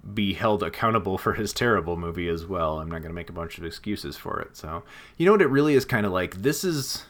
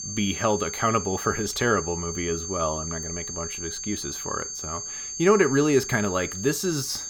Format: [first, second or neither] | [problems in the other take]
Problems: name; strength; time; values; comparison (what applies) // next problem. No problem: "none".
first | high-pitched whine; loud; throughout; 6.5 kHz, 6 dB below the speech